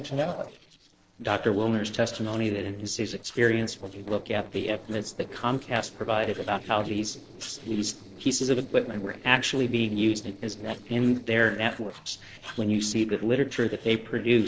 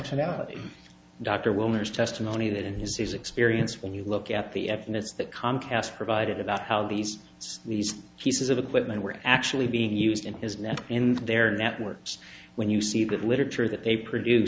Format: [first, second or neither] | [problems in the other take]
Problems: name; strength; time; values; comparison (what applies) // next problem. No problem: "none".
second | noise reduction (neural separator model SepFormer DNS4)